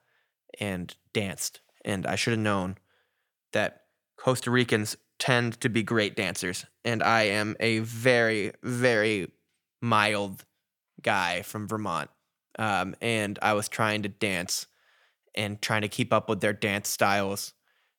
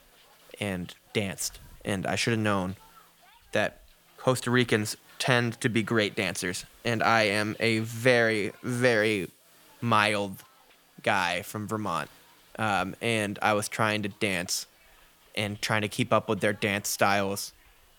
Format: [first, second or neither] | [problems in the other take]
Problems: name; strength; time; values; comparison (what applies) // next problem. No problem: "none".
first | hiss; faint; throughout; 25 dB below the speech